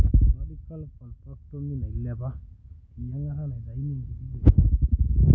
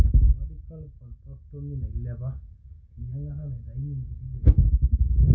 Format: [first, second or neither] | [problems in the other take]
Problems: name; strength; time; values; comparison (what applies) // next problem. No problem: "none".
first | room echo; dies away in 0.2 s